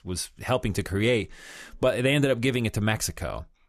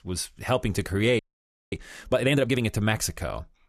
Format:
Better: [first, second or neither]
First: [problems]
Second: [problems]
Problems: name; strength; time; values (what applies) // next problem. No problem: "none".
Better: first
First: none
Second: audio freezing; at 1 s for 0.5 s